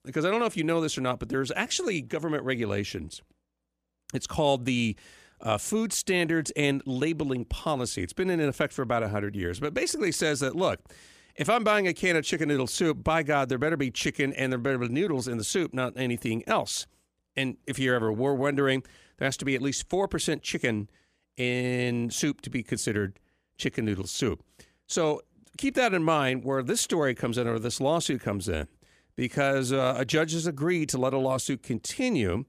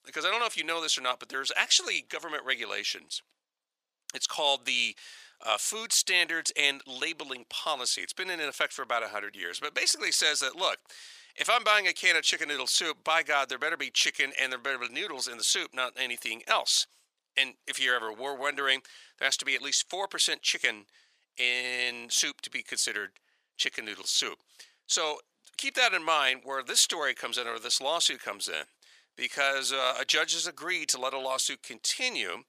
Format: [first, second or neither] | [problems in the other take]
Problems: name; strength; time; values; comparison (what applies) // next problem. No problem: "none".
first | thin; very; fading below 900 Hz